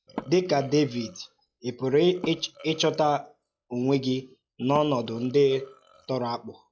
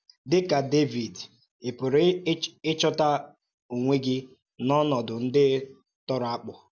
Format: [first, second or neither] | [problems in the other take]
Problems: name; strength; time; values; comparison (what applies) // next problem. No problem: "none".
second | noise reduction (classical method log-MMSE)